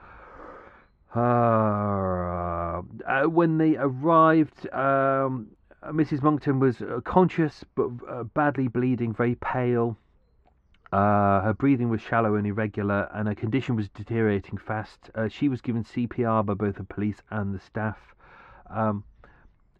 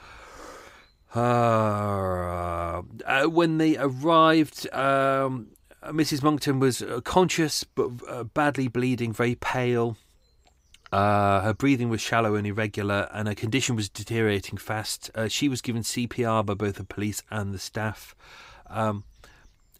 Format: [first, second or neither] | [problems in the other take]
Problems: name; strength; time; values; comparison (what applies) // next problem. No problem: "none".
second | muffled; very; fading above 1.5 kHz